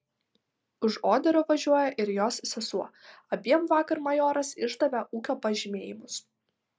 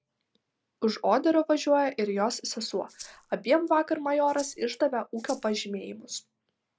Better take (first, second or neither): first